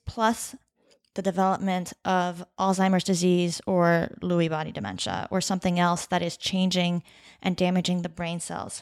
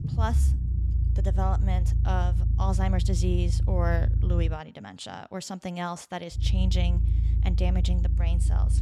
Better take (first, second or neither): first